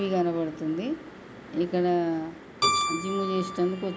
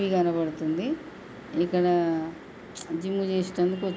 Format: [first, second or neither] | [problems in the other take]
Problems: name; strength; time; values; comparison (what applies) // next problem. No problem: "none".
second | background sound (Keyboard (musical)); 5 dB below the speech